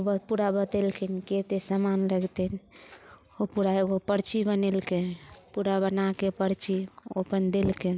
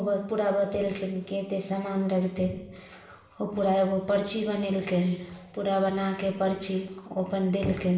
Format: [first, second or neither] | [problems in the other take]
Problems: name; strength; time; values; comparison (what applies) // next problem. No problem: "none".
first | room echo; dies away in 0.8 s